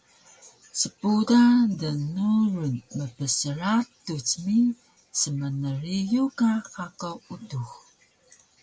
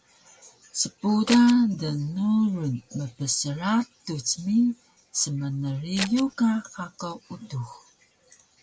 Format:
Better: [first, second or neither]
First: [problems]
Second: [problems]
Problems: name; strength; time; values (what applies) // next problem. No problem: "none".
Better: first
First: none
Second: background sound (Scissors); 7 dB below the speech